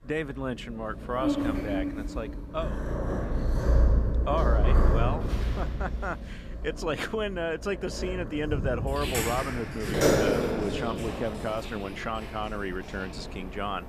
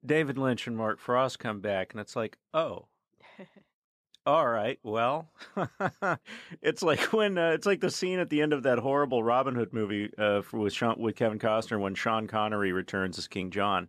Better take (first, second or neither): second